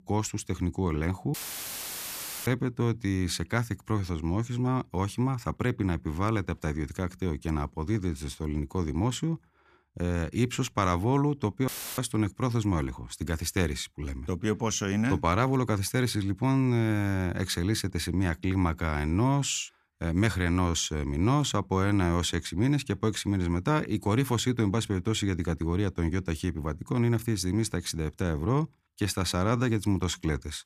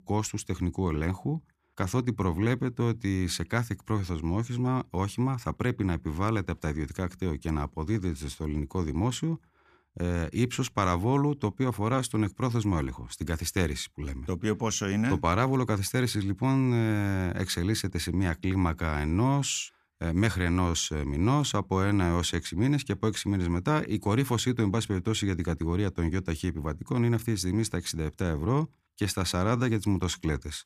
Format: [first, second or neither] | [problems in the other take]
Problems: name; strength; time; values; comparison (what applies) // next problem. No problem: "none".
second | audio cutting out; filled with static; at 1.5 s for 1 s and at 12 s